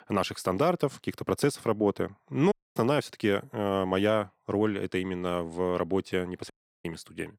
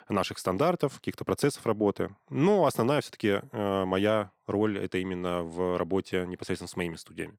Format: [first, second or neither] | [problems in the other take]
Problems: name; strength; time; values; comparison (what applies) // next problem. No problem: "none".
second | audio cutting out; at 2.5 s and at 6.5 s